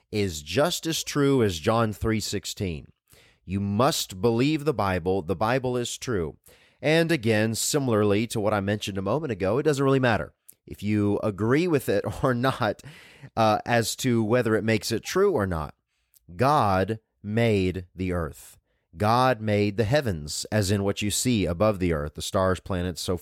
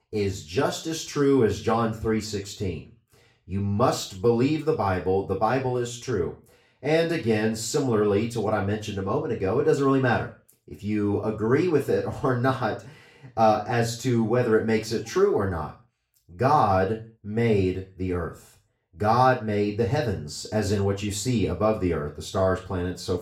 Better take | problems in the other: first | room echo; slight; dies away in 0.3 s // off-mic speech; far

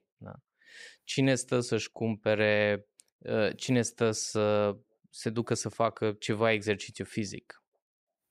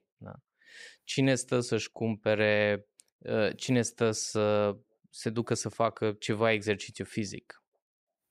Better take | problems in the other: neither | none

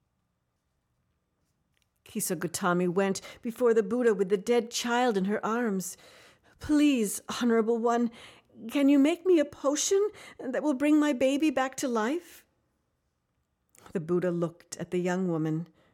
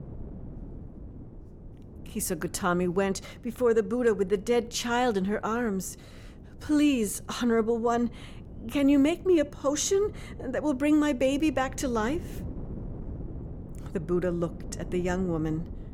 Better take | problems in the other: first | wind noise on the microphone; occasional gusts; 20 dB below the speech

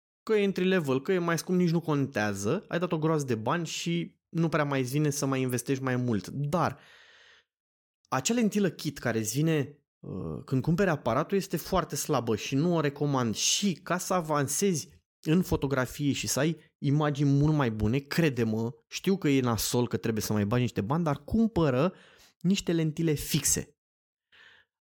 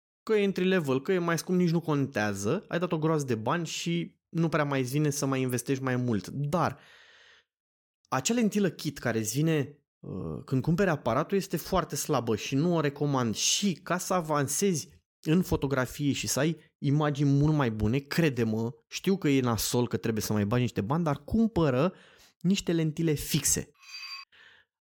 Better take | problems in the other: first | clattering dishes; faint; at 24 s; peak 10 dB below the speech

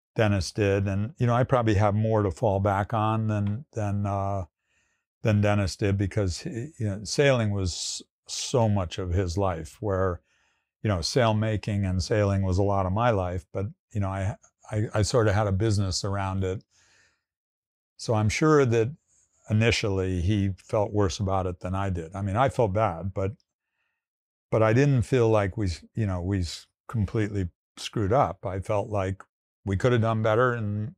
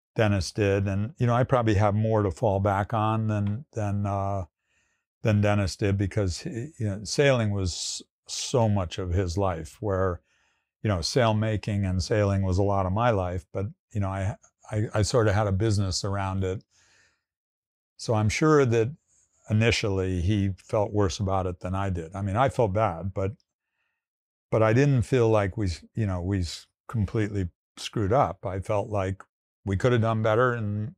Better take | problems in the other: neither | none

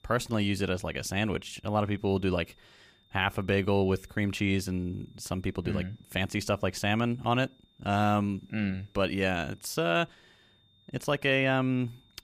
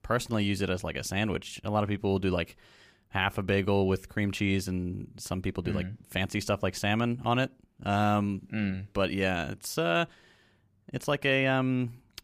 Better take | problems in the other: second | high-pitched whine; faint; throughout; 3.5 kHz, 35 dB below the speech

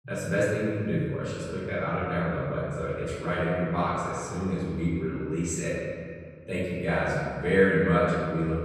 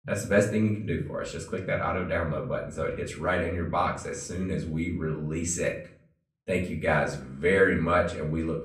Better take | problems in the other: second | room echo; strong; dies away in 2 s; slight in the second // off-mic speech; far; far in the second

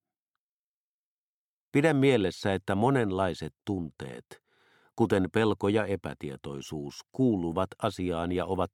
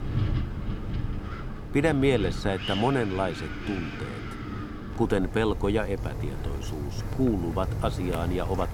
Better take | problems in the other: first | wind in the background; loud; throughout; 6 dB below the speech

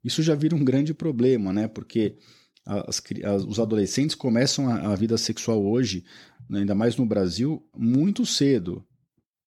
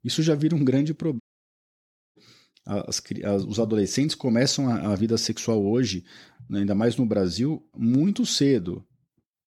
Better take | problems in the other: first | audio cutting out; at 1 s for 1 s

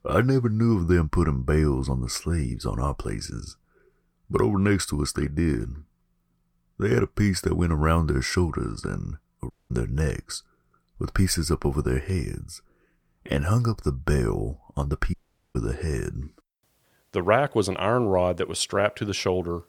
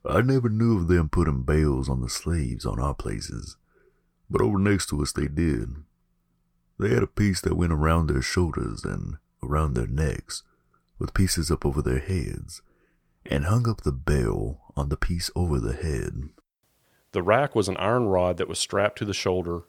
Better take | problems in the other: second | audio cutting out; at 9.5 s and at 15 s

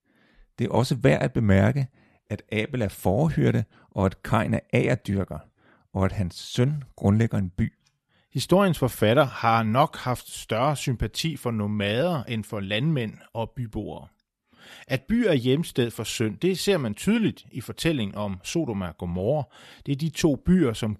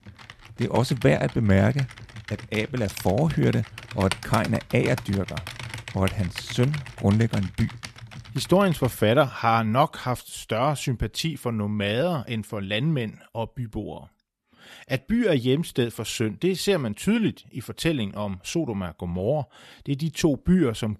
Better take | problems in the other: first | keyboard typing; noticeable; until 9 s; peak 6 dB below the speech

